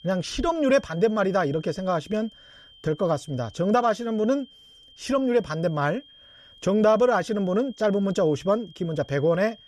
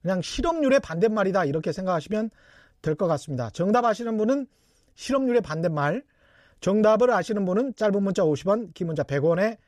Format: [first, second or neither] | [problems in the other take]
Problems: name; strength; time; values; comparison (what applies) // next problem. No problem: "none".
second | high-pitched whine; faint; throughout; 3 kHz, 25 dB below the speech